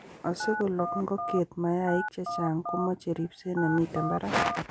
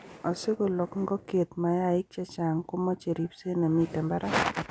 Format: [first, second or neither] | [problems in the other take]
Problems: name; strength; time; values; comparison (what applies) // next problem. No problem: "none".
second | background sound (Telephone); 5 dB below the speech